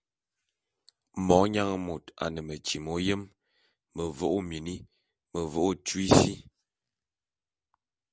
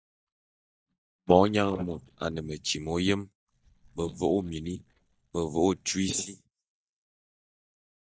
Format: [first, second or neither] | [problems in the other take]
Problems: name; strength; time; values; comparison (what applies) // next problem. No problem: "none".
first | noise reduction (neural mask model DeepFilterNet 3)